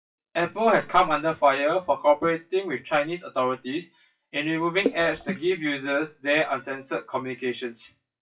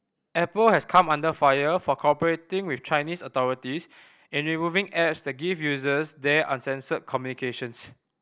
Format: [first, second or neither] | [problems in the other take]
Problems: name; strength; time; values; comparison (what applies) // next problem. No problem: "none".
second | noise reduction (classical method WPE with log-MMSE)